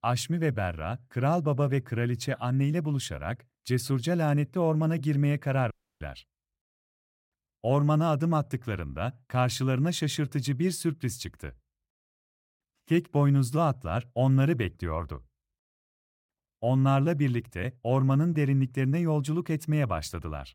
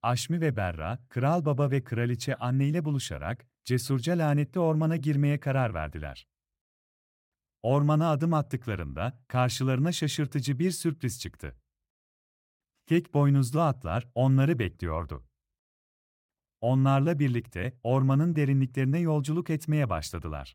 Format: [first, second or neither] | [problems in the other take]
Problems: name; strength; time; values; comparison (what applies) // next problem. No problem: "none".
second | audio cutting out; at 5.5 s